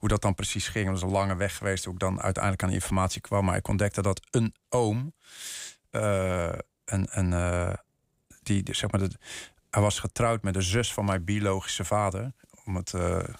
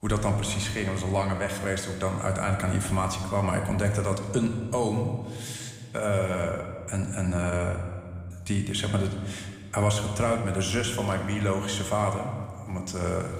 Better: first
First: none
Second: room echo; noticeable; dies away in 1.4 s

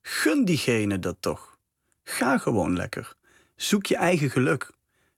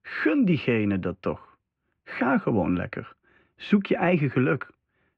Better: first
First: none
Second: muffled; very; fading above 2.5 kHz

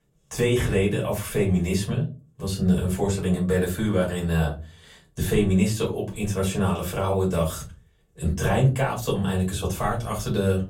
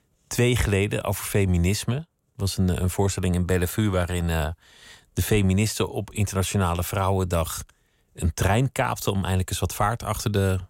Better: second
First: off-mic speech; far // room echo; very slight; dies away in 0.3 s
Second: none

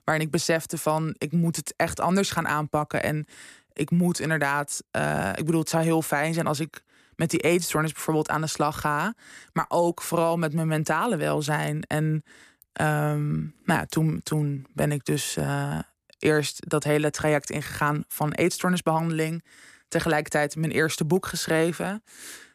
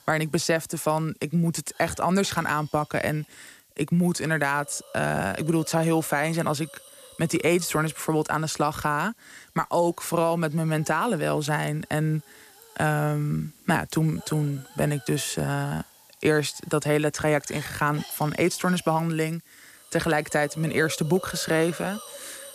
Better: first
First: none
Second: hiss; faint; throughout; 20 dB below the speech

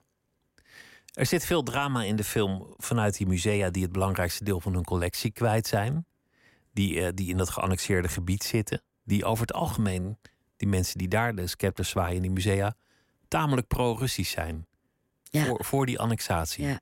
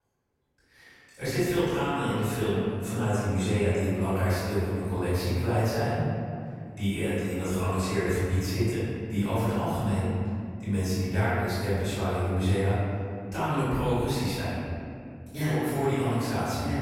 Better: first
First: none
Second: off-mic speech; far // room echo; strong; dies away in 2.5 s

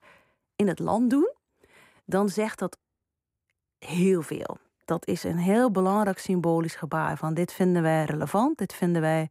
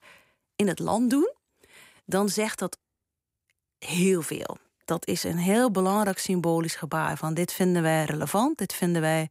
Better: second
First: muffled; slightly; fading above 2.5 kHz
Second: none

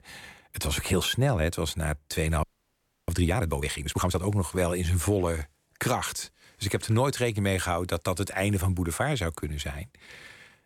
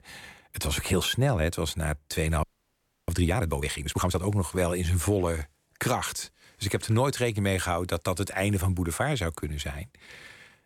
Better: neither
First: audio freezing; at 2.5 s for 0.5 s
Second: audio freezing; at 2.5 s for 0.5 s

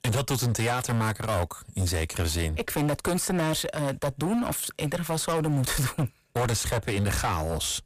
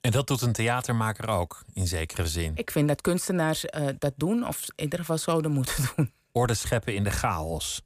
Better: second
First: distortion; heavy; 20% of the sound clipped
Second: none

